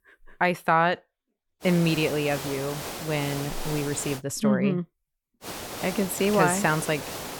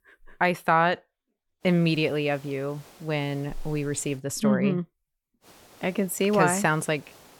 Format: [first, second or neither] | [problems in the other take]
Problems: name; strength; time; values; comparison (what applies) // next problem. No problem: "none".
second | hiss; loud; from 1.5 to 4 s and from 5.5 s on; 9 dB below the speech; faint in the second